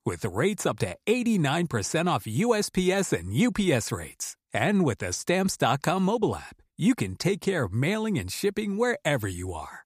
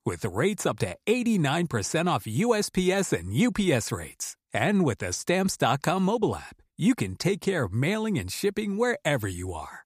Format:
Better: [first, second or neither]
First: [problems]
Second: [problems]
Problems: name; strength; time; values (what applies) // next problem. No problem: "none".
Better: neither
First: none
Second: none